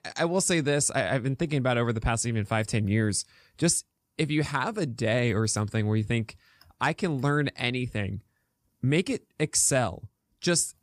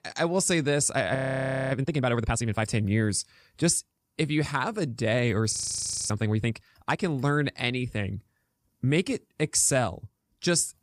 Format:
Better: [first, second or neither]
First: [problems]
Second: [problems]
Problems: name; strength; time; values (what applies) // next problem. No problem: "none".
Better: first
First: none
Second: audio freezing; at 1 s for 0.5 s and at 5.5 s for 0.5 s